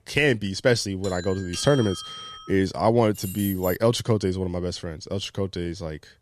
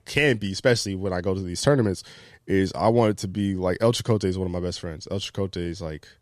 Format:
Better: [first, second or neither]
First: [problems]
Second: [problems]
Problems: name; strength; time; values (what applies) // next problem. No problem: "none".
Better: second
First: doorbell; noticeable; from 1 to 2.5 s; peak 9 dB below the speech // jangling keys; noticeable; at 3 s; peak 9 dB below the speech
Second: none